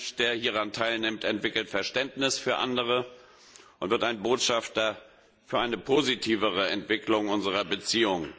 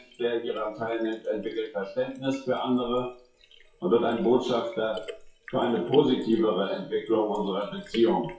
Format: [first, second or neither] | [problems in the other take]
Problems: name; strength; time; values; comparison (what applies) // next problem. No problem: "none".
first | noise reduction (classical method WPE with log-MMSE)